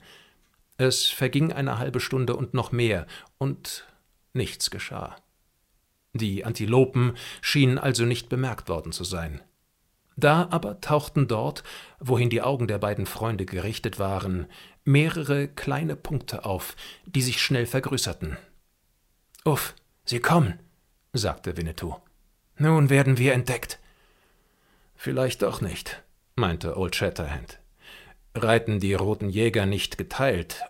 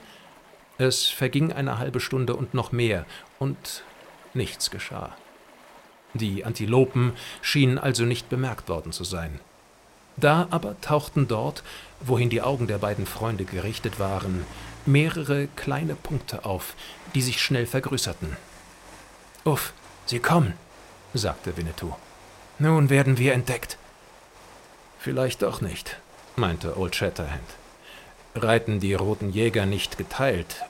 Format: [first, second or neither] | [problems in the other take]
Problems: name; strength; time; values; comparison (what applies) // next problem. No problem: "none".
first | rain or running water; faint; throughout; 25 dB below the speech